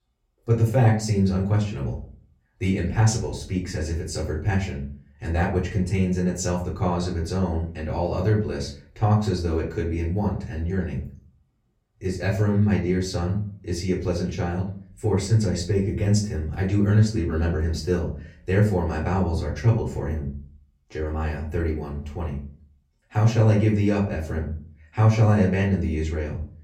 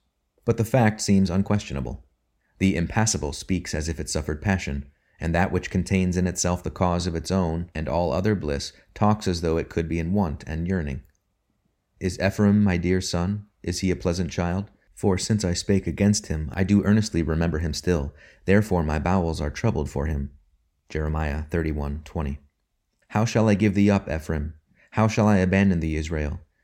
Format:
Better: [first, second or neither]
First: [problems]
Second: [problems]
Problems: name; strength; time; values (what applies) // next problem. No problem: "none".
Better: second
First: room echo; slight; dies away in 0.4 s // off-mic speech; far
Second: none